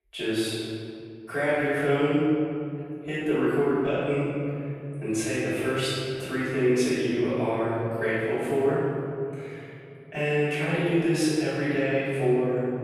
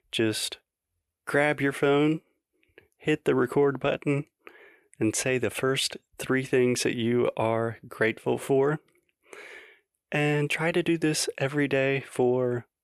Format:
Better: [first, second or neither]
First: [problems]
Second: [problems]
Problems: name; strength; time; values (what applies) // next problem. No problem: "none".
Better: second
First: room echo; strong; dies away in 2.6 s // off-mic speech; far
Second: none